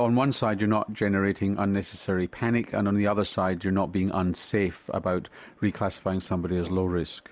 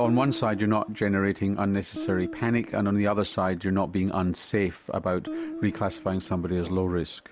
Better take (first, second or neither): first